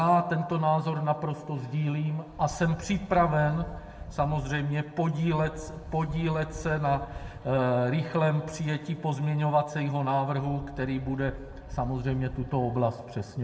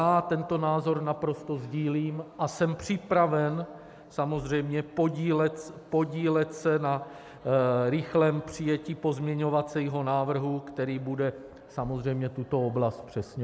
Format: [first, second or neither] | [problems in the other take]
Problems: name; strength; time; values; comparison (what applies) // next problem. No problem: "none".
second | background sound (Wind); 14 dB below the speech // room echo; dies away in 1.2 s